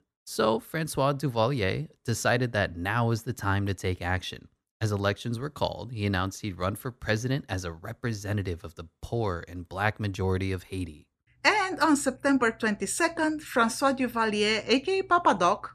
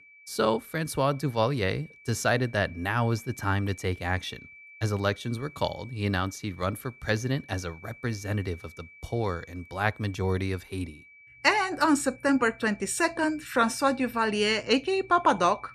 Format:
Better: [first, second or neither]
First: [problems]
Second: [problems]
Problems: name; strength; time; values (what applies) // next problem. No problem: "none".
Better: first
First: none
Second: high-pitched whine; faint; throughout; 2.5 kHz, 20 dB below the speech